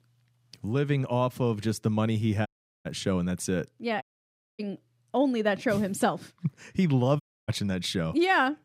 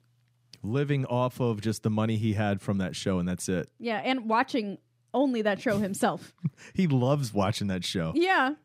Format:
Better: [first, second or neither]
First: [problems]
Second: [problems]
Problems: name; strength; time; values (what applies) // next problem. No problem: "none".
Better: second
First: audio cutting out; at 2.5 s, at 4 s for 0.5 s and at 7 s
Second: none